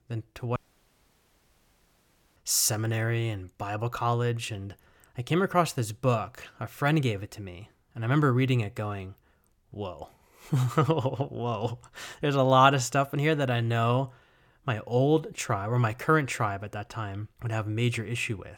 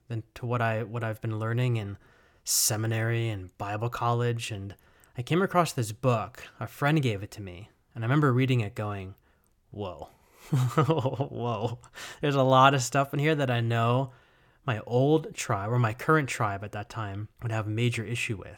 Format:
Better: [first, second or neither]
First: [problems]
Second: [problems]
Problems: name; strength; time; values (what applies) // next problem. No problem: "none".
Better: second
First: audio cutting out; at 0.5 s for 2 s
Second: none